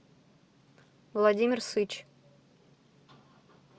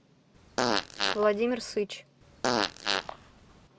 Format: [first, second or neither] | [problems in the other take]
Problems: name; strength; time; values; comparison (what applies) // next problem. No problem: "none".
first | background sound (Fart); 2 dB above the speech